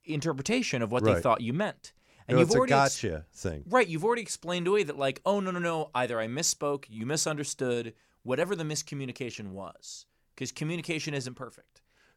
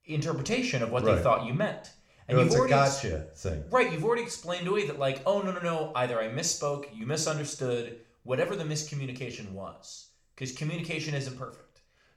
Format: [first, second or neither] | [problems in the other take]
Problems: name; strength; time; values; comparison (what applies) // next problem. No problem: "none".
first | room echo; slight; dies away in 0.4 s